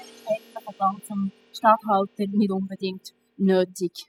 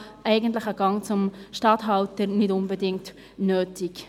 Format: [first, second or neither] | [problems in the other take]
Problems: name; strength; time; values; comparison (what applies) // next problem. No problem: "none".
second | noise reduction (classical method spectral subtraction)